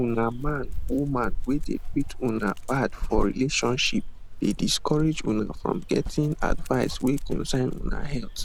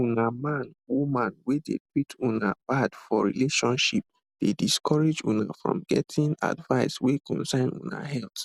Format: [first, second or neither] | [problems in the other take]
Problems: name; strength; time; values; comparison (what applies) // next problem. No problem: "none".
second | background sound (Dog); 3 dB below the speech